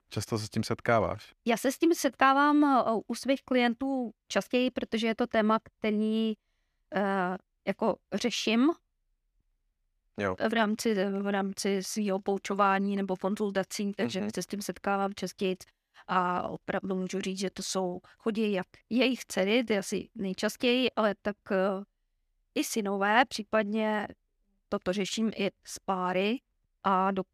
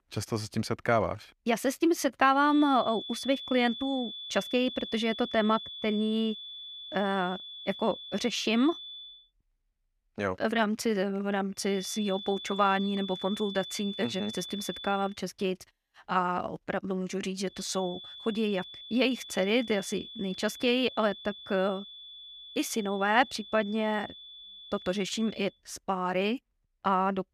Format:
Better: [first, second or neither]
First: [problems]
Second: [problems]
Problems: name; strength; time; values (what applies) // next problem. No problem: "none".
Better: first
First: none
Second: high-pitched whine; noticeable; from 2.5 to 9 s, from 12 to 15 s and from 18 to 25 s; 3.5 kHz, 10 dB below the speech